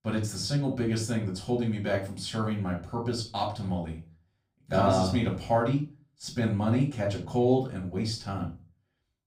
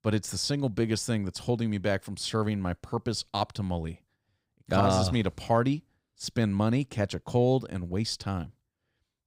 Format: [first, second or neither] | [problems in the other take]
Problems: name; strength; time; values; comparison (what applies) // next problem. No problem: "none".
second | off-mic speech; far // room echo; slight; dies away in 0.3 s